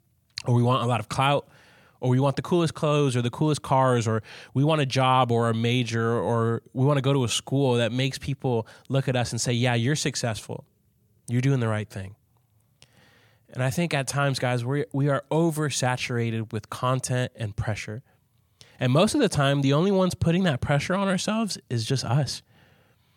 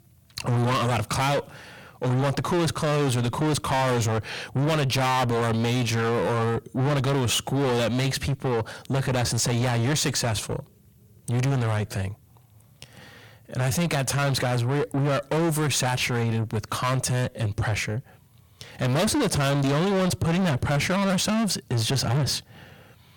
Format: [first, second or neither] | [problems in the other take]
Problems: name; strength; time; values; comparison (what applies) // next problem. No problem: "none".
first | distortion; heavy; 5 dB below the speech